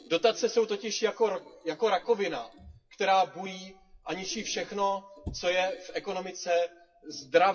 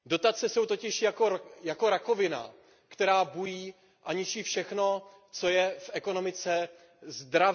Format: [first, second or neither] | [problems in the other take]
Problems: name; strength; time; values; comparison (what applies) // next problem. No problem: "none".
second | noise reduction (classical method WPE with log-MMSE)